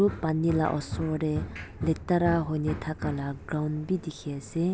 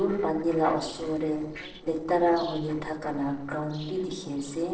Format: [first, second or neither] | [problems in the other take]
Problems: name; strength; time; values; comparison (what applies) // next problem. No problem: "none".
first | noise reduction (neural separator model SepFormer DNS4)